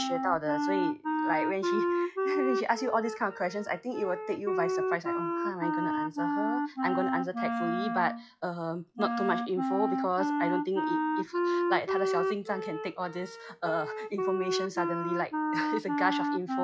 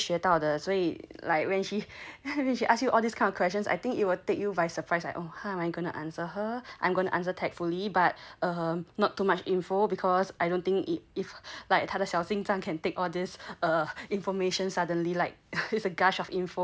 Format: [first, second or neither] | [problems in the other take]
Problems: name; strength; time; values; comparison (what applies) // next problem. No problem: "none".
second | noise reduction (classical method log-MMSE)